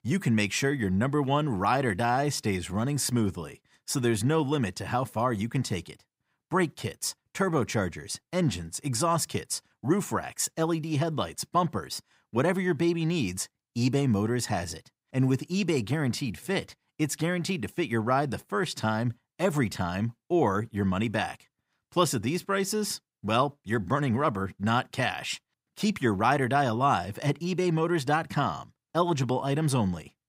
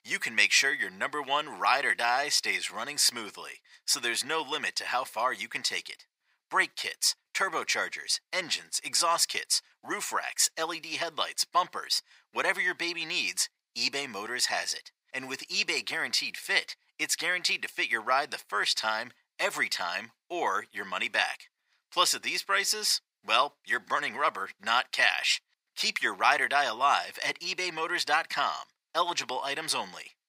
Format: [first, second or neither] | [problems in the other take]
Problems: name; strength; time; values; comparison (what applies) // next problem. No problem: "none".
first | thin; very; fading below 800 Hz